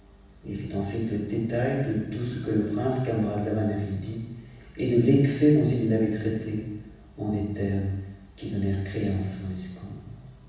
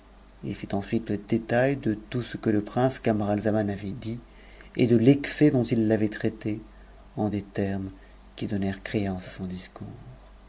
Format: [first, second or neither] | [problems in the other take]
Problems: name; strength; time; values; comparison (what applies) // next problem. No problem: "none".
second | room echo; dies away in 1.1 s